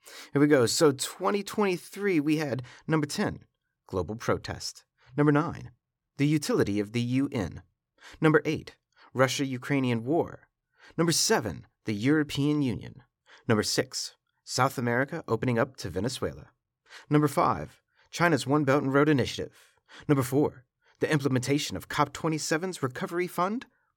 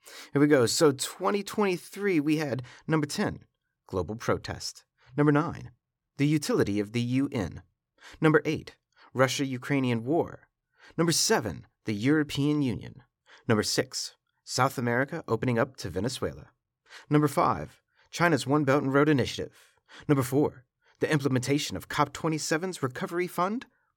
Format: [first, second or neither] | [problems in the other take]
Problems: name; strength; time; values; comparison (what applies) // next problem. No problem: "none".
neither | none